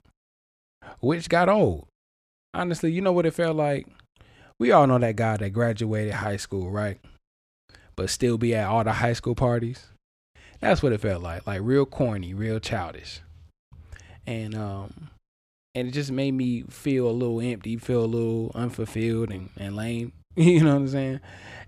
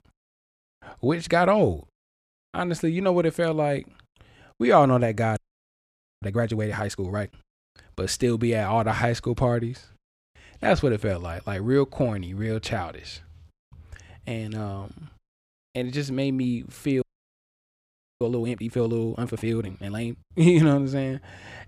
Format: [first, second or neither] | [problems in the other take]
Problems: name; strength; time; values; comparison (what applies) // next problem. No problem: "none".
first | audio freezing; at 5.5 s for 1 s and at 17 s for 1 s